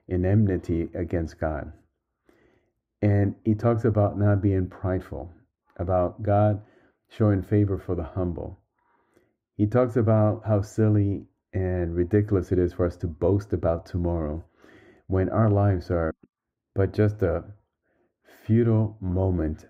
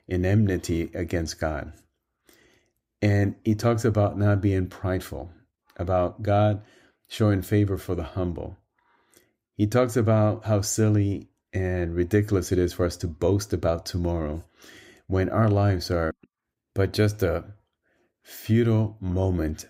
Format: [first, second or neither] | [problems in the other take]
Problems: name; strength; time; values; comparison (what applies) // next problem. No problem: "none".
second | muffled; very; fading above 2.5 kHz